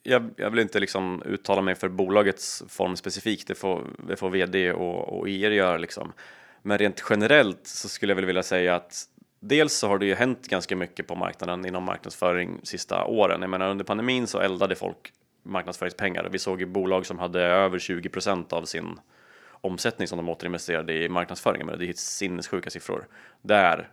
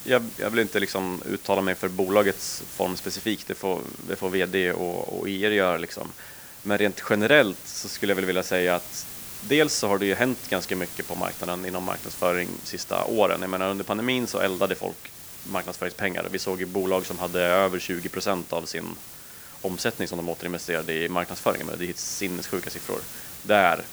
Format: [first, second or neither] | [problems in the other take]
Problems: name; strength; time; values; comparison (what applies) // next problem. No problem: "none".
first | hiss; noticeable; throughout; 10 dB below the speech